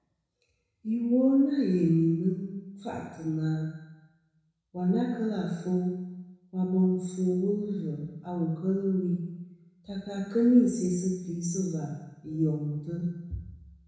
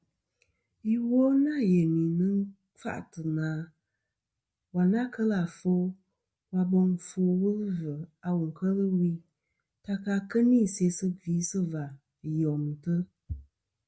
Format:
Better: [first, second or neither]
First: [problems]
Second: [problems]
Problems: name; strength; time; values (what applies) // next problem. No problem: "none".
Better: second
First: room echo; dies away in 1 s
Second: none